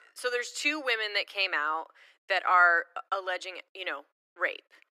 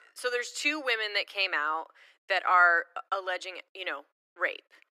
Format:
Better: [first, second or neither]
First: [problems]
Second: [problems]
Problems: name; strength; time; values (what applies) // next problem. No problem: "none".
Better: neither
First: thin; very; fading below 300 Hz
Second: thin; very; fading below 300 Hz